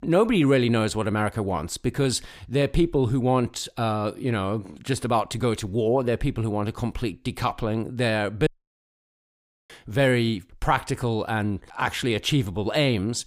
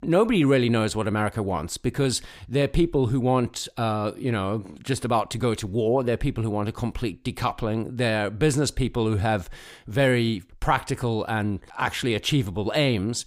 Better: second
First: audio cutting out; at 8.5 s for 1 s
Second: none

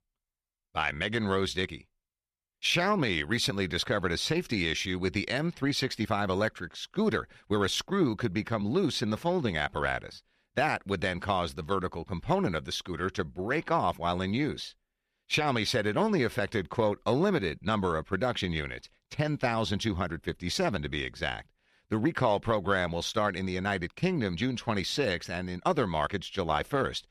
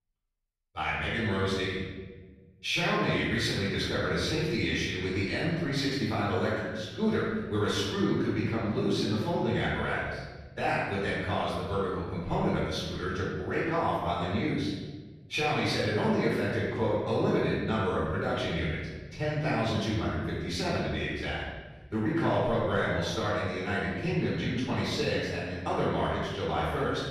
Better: first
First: none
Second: room echo; strong; dies away in 1.3 s // off-mic speech; far

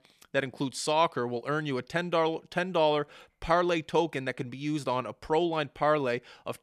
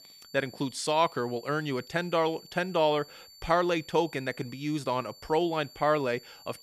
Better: first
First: none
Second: high-pitched whine; faint; throughout; 4.5 kHz, 20 dB below the speech

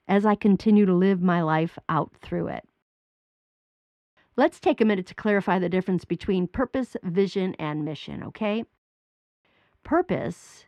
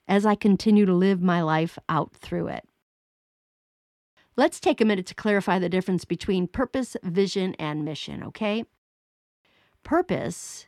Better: second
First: muffled; slightly; fading above 4 kHz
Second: none

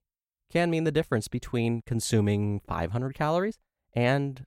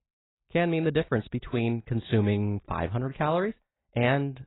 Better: first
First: none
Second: garbled, watery; badly; nothing above 4 kHz

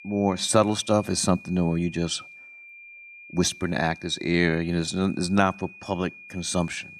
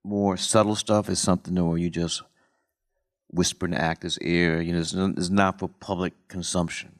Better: second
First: high-pitched whine; noticeable; throughout; 2.5 kHz, 20 dB below the speech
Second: none

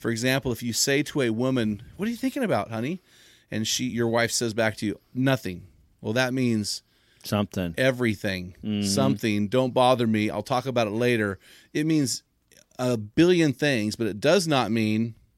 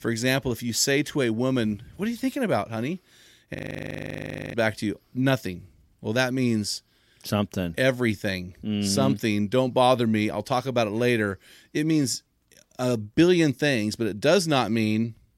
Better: first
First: none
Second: audio freezing; at 3.5 s for 1 s

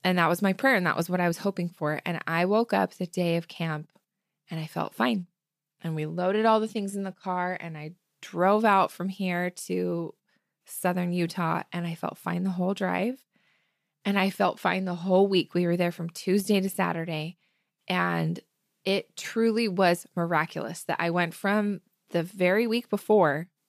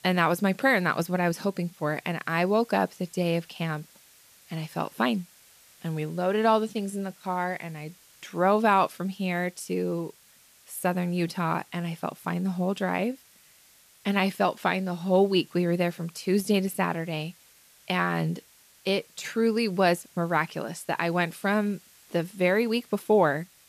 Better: first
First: none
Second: hiss; faint; throughout; 25 dB below the speech

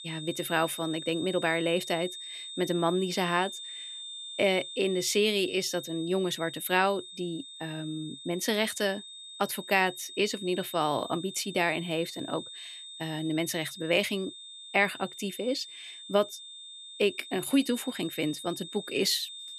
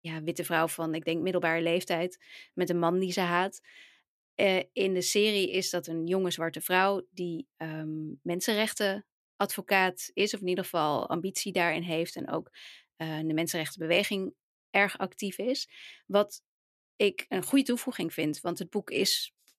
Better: second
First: high-pitched whine; noticeable; throughout; 3.5 kHz, 10 dB below the speech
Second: none

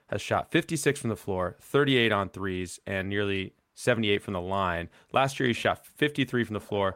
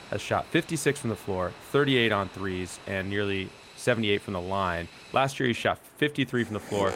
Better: first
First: none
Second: train or aircraft noise; noticeable; throughout; 20 dB below the speech

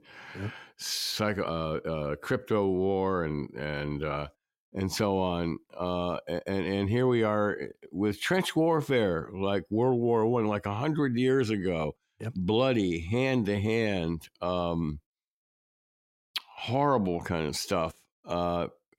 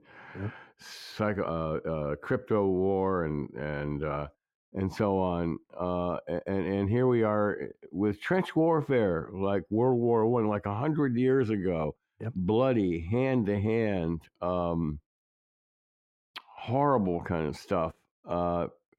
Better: first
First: none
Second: muffled; slightly; fading above 2.5 kHz

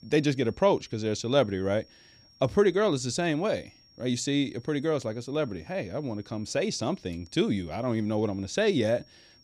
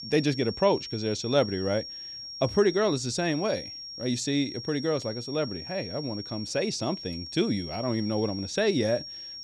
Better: first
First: high-pitched whine; faint; throughout; 5.5 kHz, 30 dB below the speech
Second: high-pitched whine; loud; throughout; 5.5 kHz, 9 dB below the speech

